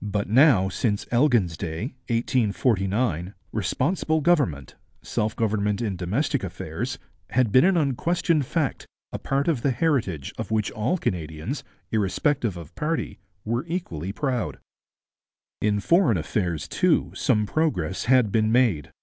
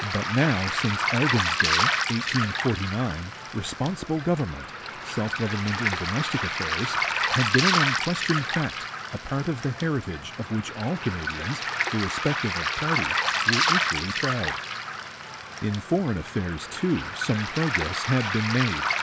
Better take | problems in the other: first | background sound (Waves, surf); as loud as the speech

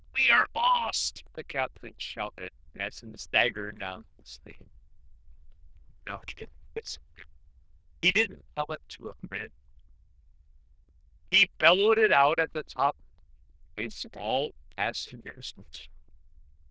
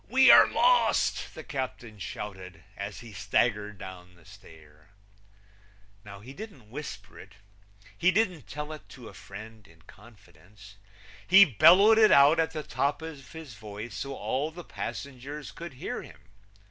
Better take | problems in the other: second | noise reduction (neural diffusion model UNIVERSE++)

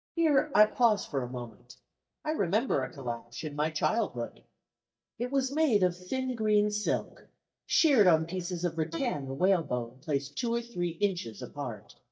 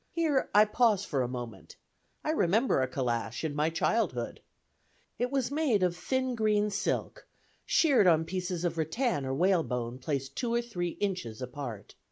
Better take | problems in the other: second | noise reduction (neural mask model DeepFilterNet 3)

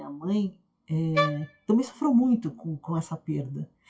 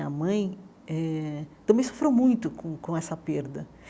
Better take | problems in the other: second | noise reduction (classical method WPE with log-MMSE)

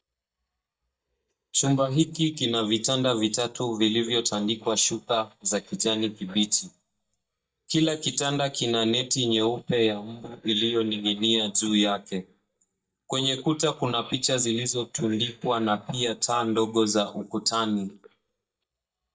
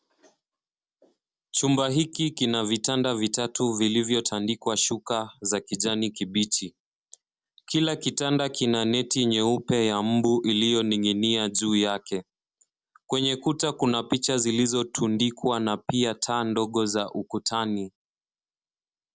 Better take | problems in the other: second | noise reduction (neural mask model DeepFilterNet 3)

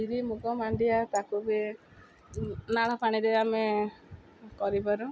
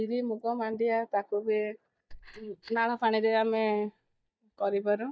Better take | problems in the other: first | noise reduction (neural mask model DeepFilterNet 3)

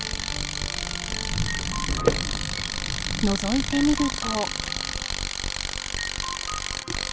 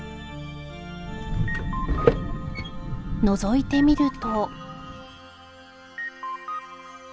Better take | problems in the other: second | background sound (Tools); 1 dB below the speech

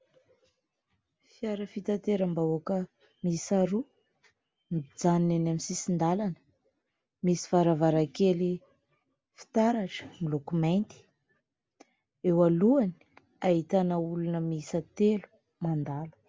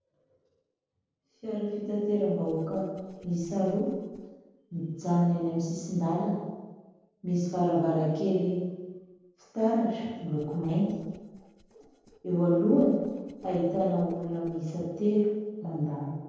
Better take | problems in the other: first | noise reduction (neural separator model SepFormer DNS4)

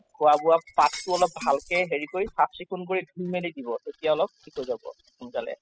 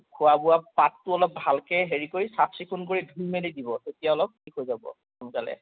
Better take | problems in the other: second | noise reduction (classical method spectral subtraction)

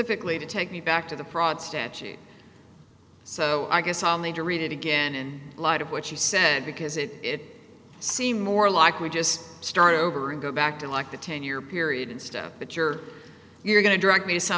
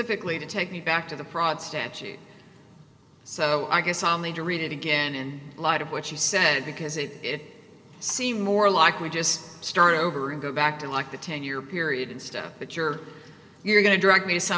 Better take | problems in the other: first | room echo; dies away in 1.7 s

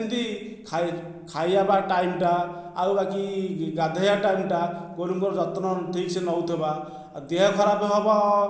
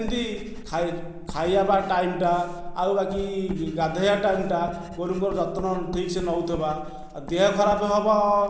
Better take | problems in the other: first | background sound (Writing); 13 dB below the speech

